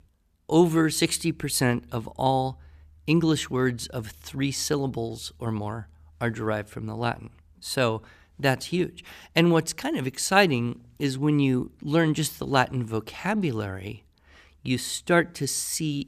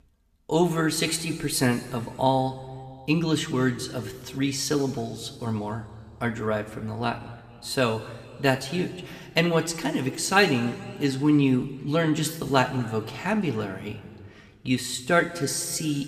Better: first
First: none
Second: room echo; slight; dies away in 1.6 s

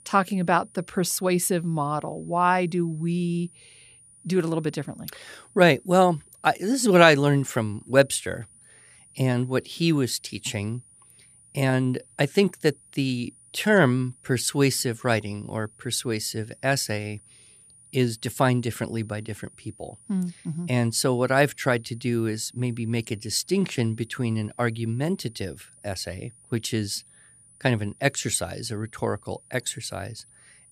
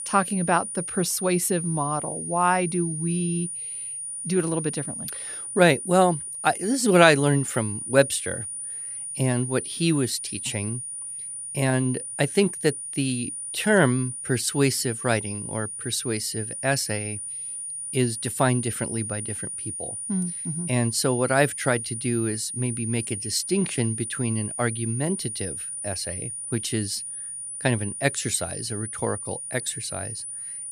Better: first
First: high-pitched whine; faint; throughout; 9.5 kHz, 25 dB below the speech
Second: high-pitched whine; loud; throughout; 9.5 kHz, 6 dB below the speech

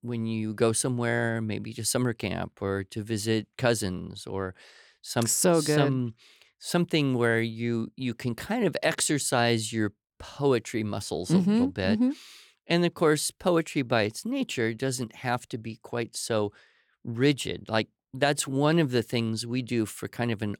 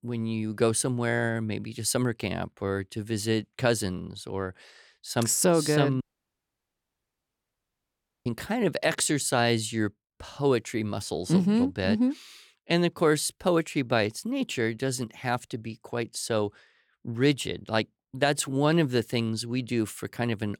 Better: first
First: none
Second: audio cutting out; at 6 s for 2.5 s

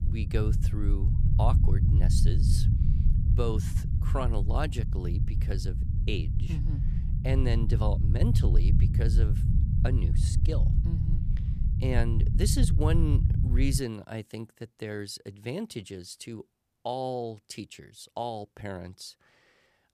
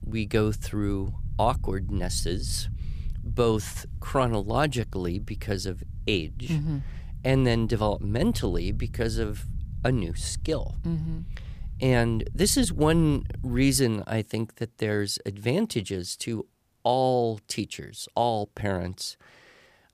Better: second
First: low rumble; loud; until 14 s; 5 dB below the speech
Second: low rumble; faint; until 14 s; 25 dB below the speech

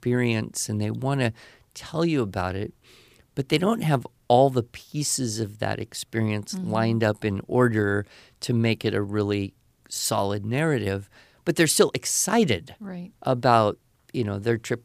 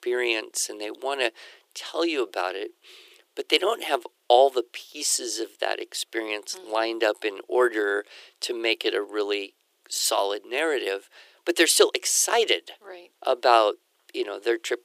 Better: first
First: none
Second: thin; very; fading below 350 Hz

